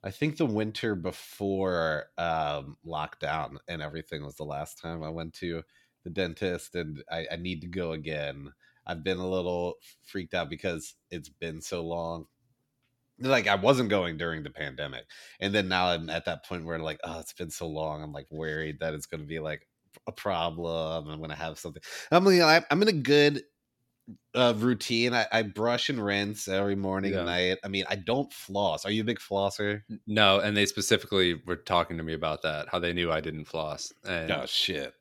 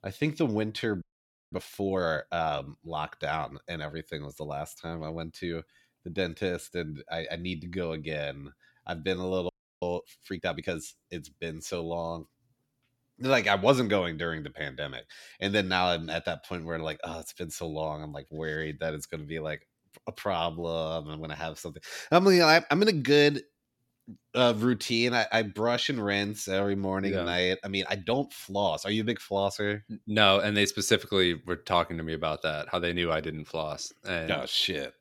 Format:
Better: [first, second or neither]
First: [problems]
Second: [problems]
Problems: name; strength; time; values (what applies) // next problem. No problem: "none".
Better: first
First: none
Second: audio freezing; at 1 s for 0.5 s and at 9.5 s